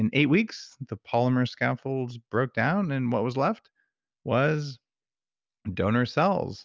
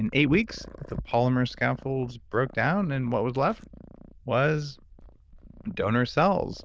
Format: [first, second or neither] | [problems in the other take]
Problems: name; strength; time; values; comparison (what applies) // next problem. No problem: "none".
first | noise reduction (neural diffusion model UNIVERSE++)